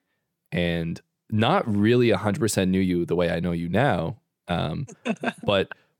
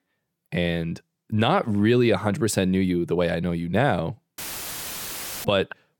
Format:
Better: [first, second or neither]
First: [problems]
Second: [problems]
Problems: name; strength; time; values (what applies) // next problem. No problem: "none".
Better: first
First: none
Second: audio cutting out; filled with static; at 4.5 s for 1 s